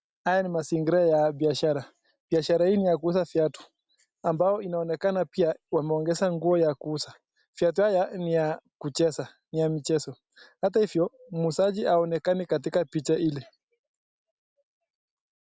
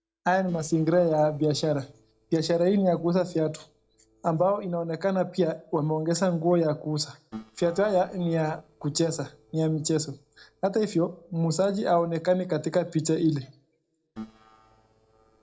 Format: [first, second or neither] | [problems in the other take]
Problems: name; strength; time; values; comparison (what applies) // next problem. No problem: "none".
first | noise reduction (neural separator model SepFormer DNS4)